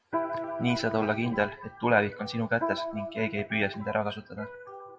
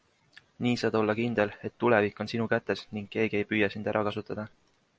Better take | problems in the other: second | noise reduction (classical method WPE with log-MMSE)

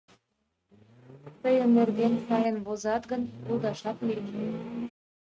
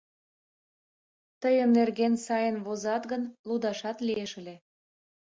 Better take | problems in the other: second | noise reduction (neural mask model RNNoise)

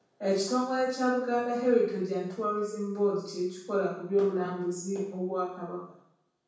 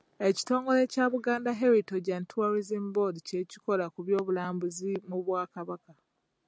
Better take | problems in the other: second | room echo; dies away in 0.7 s

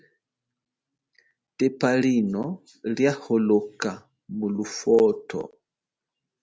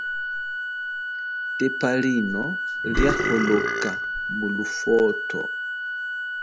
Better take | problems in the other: first | background sound (Burping, eructation + Organ); 1 dB below the speech

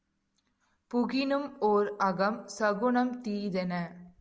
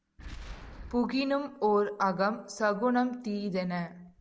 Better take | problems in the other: first | background sound (Boom); 18 dB below the speech

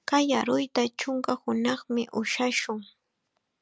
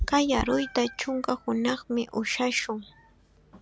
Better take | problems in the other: first | background sound (Meow); 12 dB below the speech

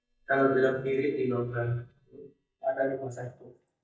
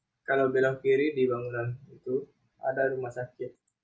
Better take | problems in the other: second | noise reduction (neural mask model DeepFilterNet 3)

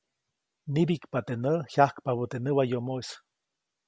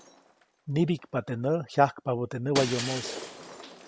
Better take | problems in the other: first | background sound (Shatter); 11 dB below the speech

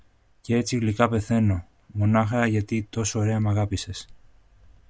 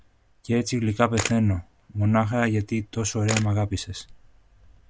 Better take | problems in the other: first | background sound (Camera); 11 dB below the speech

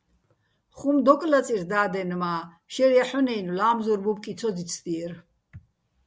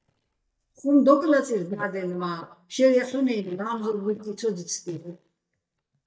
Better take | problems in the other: first | noise reduction (neural mask model DeepFilterNet 3)

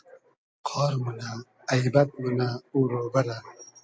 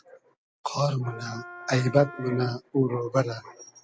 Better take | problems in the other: first | background sound (Wind instrument, woodwind instrument); 16 dB below the speech

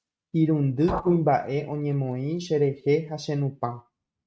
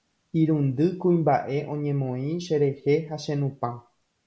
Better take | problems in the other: second | noise reduction (neural mask model RNNoise)

